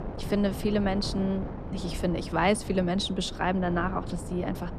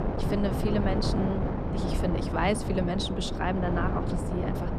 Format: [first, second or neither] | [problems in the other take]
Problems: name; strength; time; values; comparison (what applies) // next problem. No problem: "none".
first | wind noise on the microphone; heavy; 2 dB below the speech; occasional gusts in the first